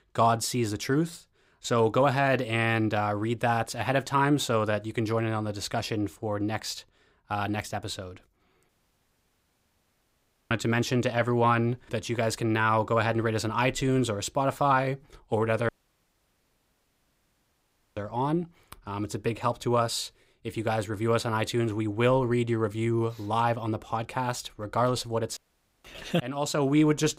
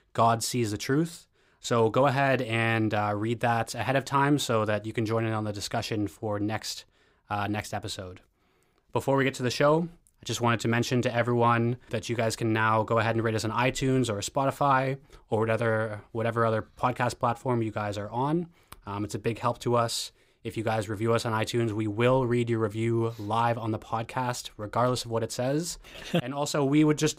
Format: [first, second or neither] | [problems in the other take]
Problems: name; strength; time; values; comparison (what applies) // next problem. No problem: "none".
second | audio cutting out; at 8.5 s for 2 s, at 16 s for 2.5 s and at 25 s